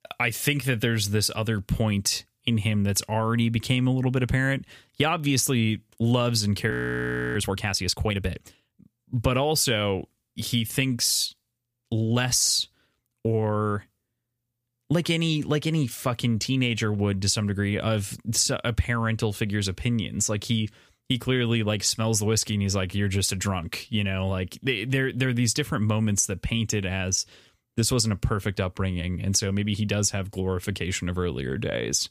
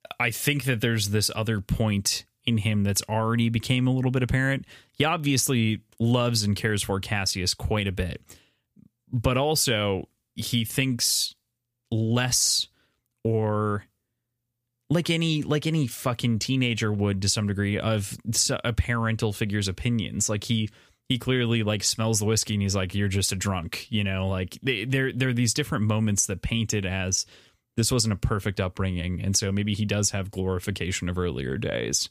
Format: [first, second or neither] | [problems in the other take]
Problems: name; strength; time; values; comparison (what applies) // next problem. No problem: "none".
second | audio freezing; at 6.5 s for 0.5 s